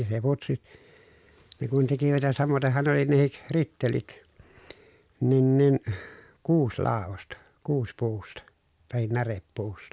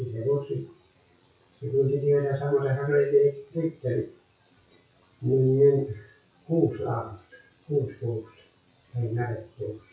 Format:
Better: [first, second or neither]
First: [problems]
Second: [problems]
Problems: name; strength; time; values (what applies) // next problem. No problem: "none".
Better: first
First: none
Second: noise reduction (classical method WPE with log-MMSE)